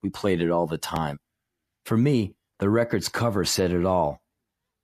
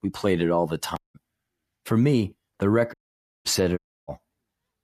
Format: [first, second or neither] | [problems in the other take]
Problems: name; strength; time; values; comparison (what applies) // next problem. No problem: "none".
first | audio cutting out; at 1 s, at 3 s for 0.5 s and at 4 s